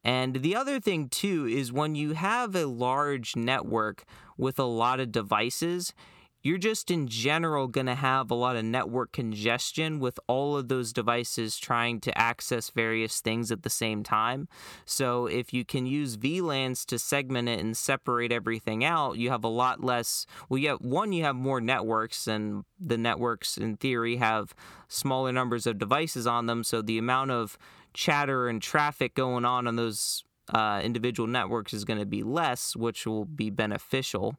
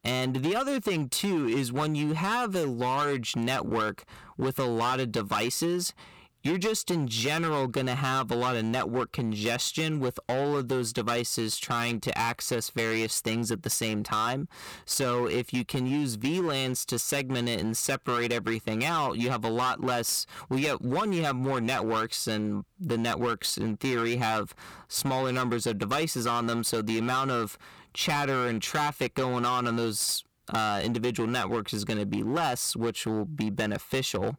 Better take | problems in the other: first | distortion; heavy; 14% of the sound clipped

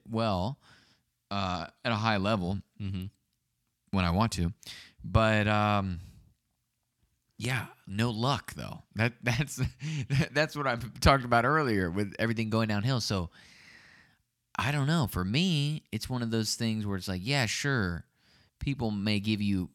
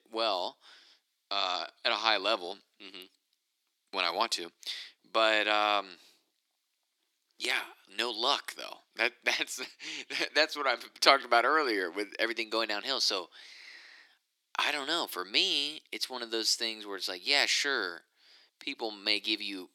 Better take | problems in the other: first | thin; very; fading below 350 Hz

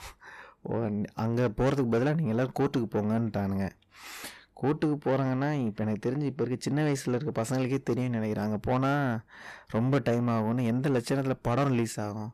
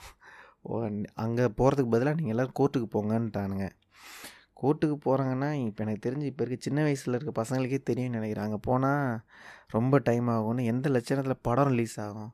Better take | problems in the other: second | distortion; slight; 10 dB below the speech

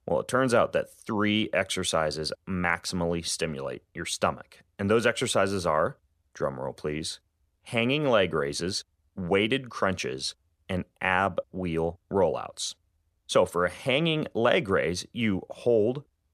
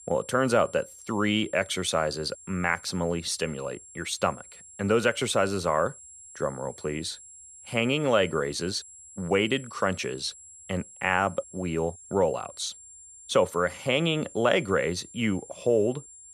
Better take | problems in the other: first | high-pitched whine; noticeable; throughout; 7.5 kHz, 20 dB below the speech

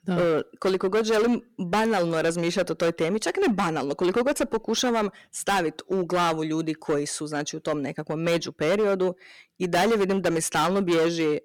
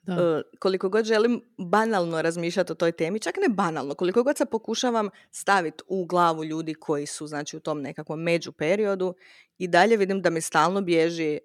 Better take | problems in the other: second | distortion; heavy; 14% of the sound clipped

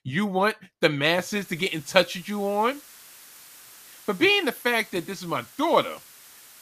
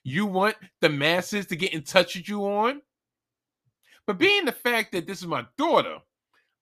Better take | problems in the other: second | hiss; faint; from 1 s on; 20 dB below the speech

